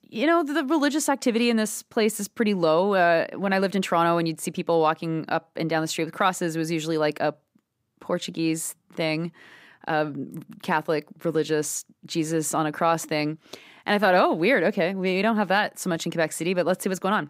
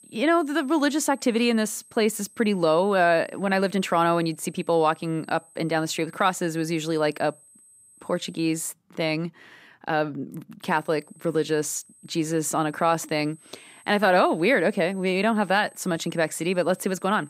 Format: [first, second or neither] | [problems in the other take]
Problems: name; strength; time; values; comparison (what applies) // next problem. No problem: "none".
first | high-pitched whine; faint; until 8.5 s and from 11 s on; 8 kHz, 25 dB below the speech